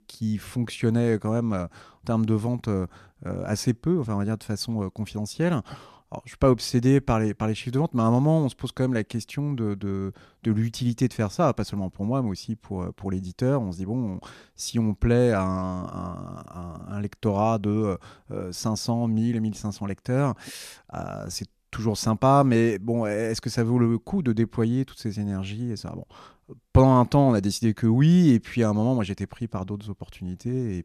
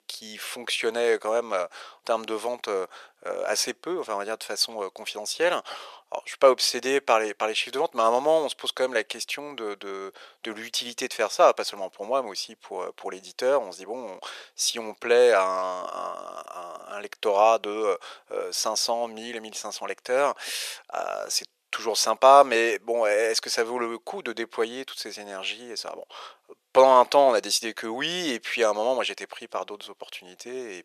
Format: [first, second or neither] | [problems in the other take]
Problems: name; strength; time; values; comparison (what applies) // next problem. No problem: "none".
first | thin; very; fading below 500 Hz